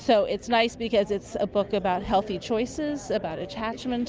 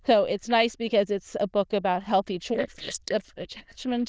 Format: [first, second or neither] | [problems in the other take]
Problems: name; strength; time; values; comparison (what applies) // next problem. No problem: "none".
first | noise reduction (neural diffusion model UNIVERSE++)